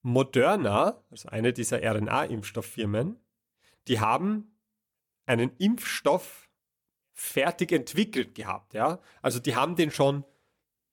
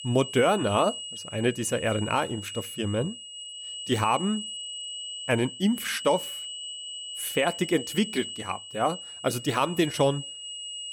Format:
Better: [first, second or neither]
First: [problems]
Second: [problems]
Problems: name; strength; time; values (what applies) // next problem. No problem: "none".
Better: first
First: none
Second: high-pitched whine; loud; throughout; 3 kHz, 9 dB below the speech